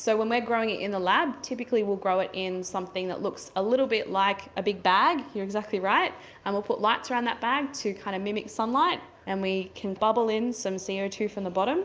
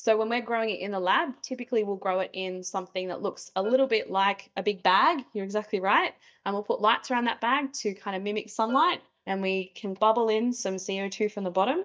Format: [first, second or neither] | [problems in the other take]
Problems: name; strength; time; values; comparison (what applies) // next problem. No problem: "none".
first | noise reduction (neural mask model DeepFilterNet 3)